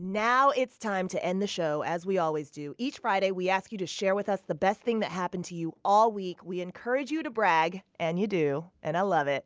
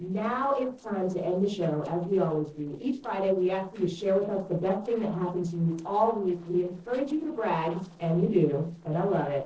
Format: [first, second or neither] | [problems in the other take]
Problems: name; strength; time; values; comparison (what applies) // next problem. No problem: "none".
first | noise reduction (neural separator model SepFormer DNS4)